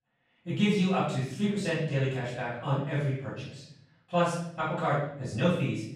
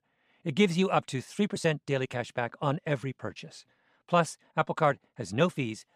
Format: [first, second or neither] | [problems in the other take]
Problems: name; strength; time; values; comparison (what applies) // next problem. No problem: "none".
second | off-mic speech; far // room echo; noticeable; dies away in 0.7 s